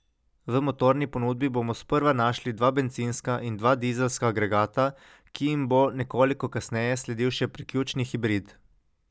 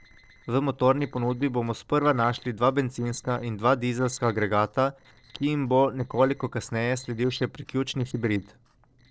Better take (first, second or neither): first